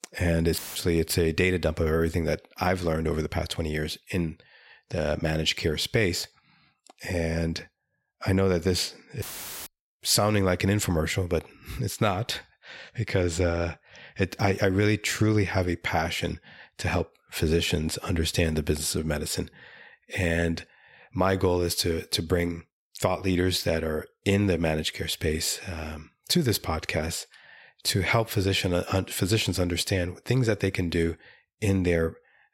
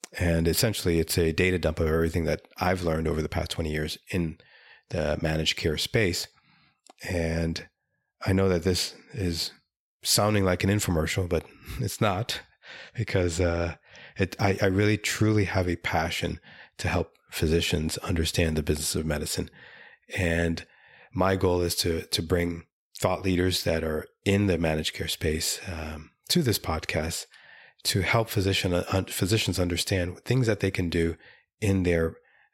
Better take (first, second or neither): second